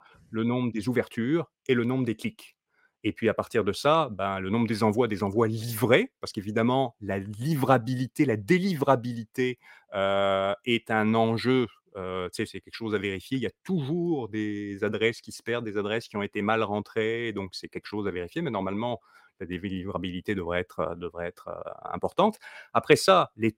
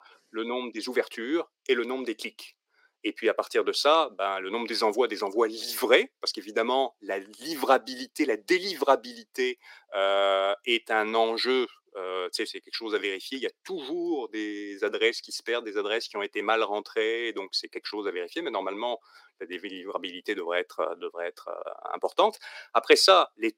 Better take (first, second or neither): first